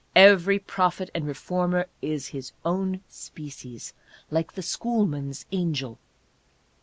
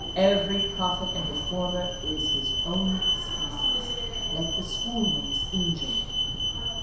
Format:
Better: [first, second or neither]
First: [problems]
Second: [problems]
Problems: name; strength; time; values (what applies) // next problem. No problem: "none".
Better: first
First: none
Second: background sound (Alarm); 2 dB above the speech // room echo; dies away in 0.7 s